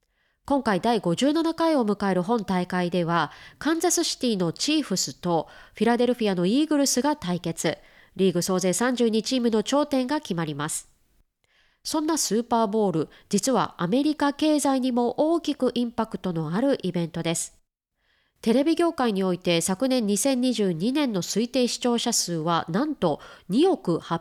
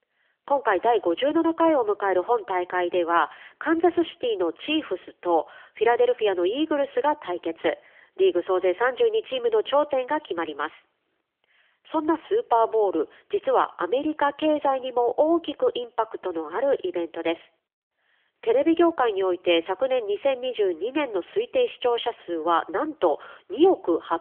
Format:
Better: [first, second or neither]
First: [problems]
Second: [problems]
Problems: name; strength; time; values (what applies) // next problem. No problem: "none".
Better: first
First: none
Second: phone-call audio; nothing above 3.5 kHz